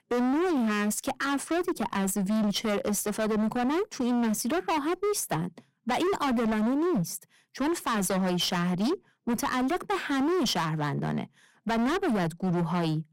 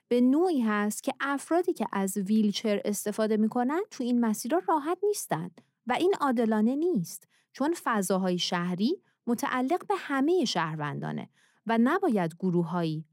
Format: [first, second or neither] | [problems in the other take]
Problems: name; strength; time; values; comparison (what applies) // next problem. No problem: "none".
second | distortion; heavy; 30% of the sound clipped